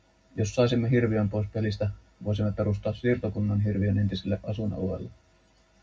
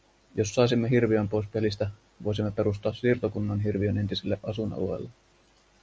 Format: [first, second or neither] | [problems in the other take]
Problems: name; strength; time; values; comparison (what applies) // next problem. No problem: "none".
second | room echo; dies away in 0.4 s